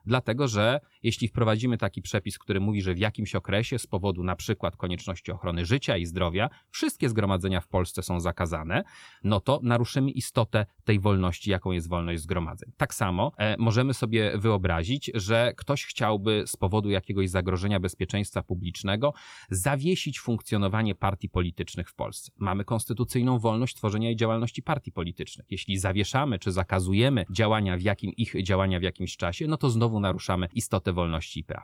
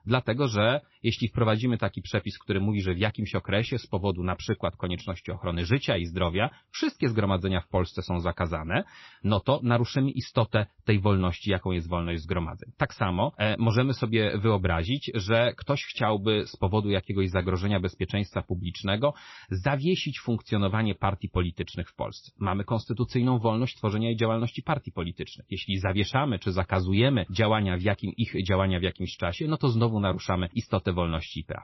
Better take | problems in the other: first | garbled, watery; slightly; nothing above 5.5 kHz

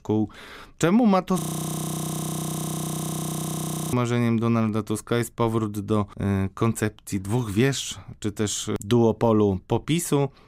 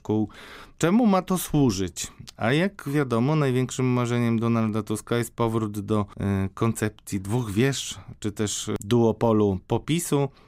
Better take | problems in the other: second | audio freezing; at 1.5 s for 2.5 s

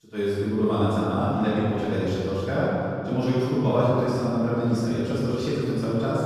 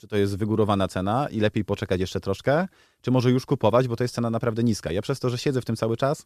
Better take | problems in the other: second | off-mic speech; far // room echo; strong; dies away in 2.6 s

